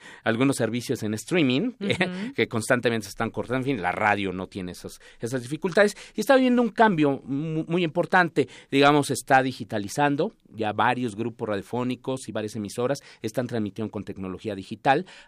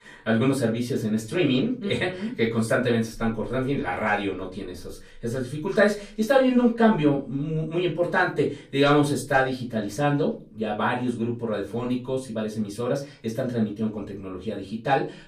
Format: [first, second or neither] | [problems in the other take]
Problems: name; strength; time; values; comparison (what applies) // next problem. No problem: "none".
first | off-mic speech; far // room echo; slight; dies away in 0.3 s